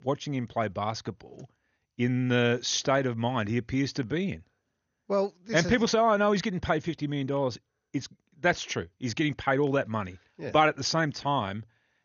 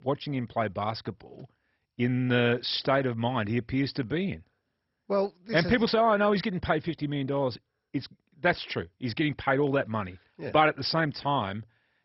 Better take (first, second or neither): first